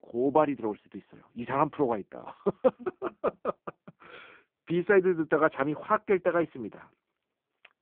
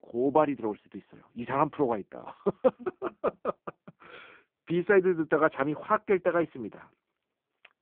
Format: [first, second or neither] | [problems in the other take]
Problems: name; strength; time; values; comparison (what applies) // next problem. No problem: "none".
neither | phone-call audio; poor line; the same in both